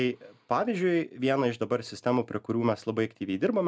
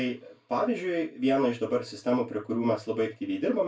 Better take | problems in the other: first | room echo; dies away in 0.2 s

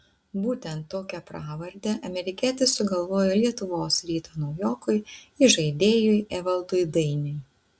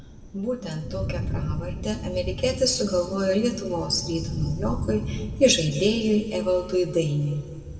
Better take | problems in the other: first | background sound (Thunder); 8 dB below the speech // room echo; dies away in 2 s

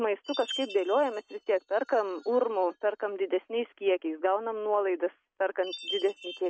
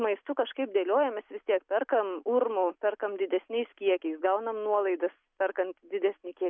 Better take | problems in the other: second | noise reduction (neural mask model RNNoise)

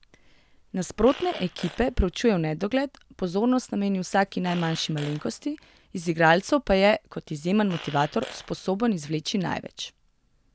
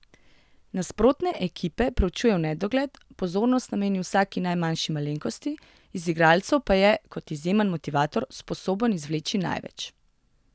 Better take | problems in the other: second | background sound (Fart); 17 dB below the speech

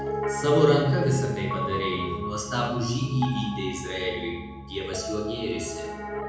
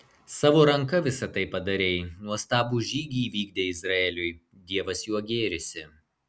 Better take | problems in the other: second | background sound (Piano); 6 dB below the speech // room echo; dies away in 0.9 s

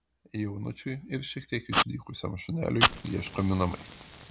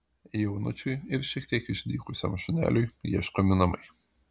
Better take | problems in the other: second | background sound (Fire); 1 dB below the speech

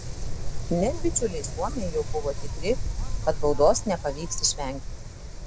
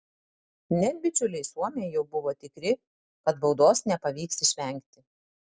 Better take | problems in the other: second | background sound (Wind); 1 dB below the speech

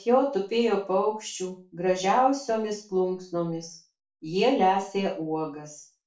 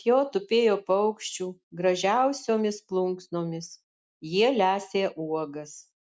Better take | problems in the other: second | room echo; dies away in 0.3 s

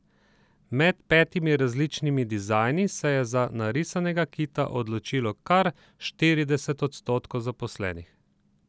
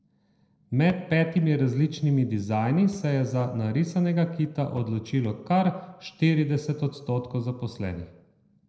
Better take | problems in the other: first | noise reduction (neural separator model SepFormer DNS4)

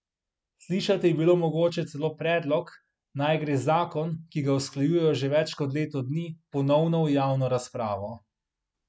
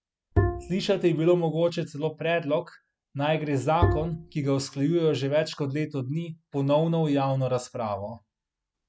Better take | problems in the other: first | background sound (Bowed string instrument); as loud as the speech

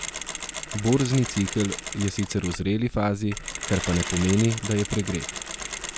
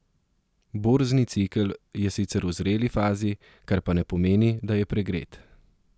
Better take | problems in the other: second | background sound (Mechanisms); 8 dB below the speech

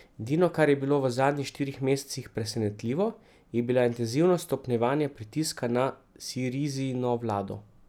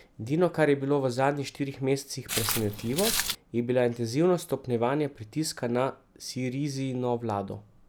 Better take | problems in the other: first | background sound (Walk, footsteps); 2 dB below the speech

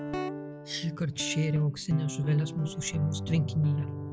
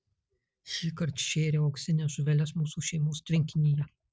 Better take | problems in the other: second | background sound (Guitar); 7 dB below the speech

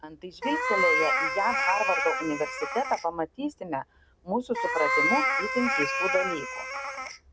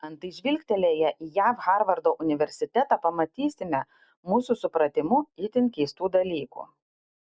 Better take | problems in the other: second | background sound (Meow); 1 dB above the speech

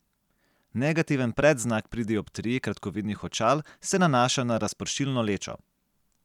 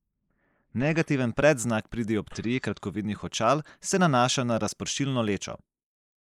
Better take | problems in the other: first | noise reduction (neural mask model Resemble Enhance denoiser)

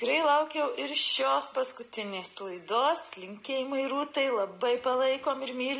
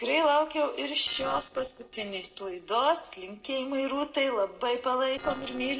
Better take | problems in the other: first | noise reduction (neural separator model SepFormer DNS4)

